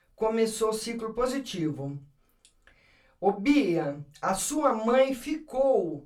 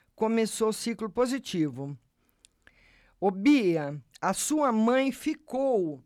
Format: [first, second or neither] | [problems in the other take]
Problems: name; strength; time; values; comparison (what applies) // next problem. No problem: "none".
second | off-mic speech; far // room echo; very slight; dies away in 0.2 s